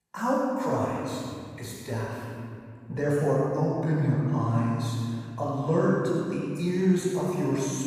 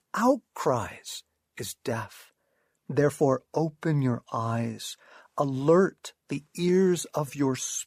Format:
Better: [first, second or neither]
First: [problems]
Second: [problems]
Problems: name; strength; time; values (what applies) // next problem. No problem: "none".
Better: second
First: off-mic speech; far // room echo; strong; dies away in 2.5 s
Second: none